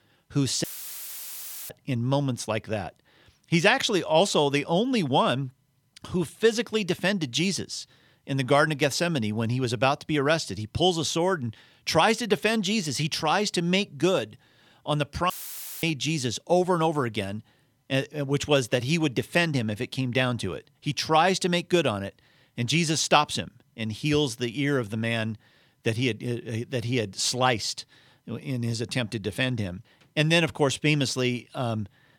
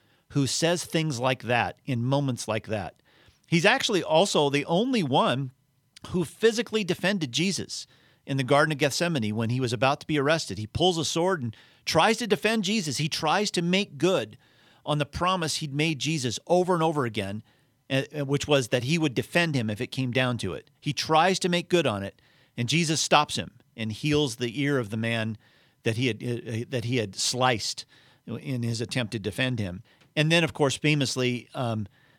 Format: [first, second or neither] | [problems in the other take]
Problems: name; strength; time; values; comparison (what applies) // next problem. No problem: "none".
second | audio cutting out; filled with static; at 0.5 s for 1 s and at 15 s for 0.5 s